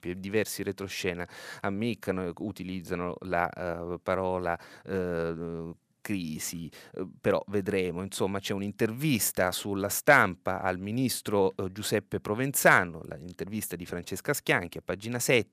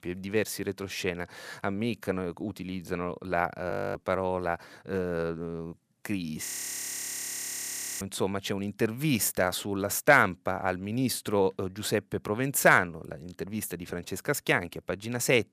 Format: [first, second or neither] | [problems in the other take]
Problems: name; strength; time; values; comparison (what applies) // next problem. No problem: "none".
first | audio freezing; at 3.5 s and at 6.5 s for 1.5 s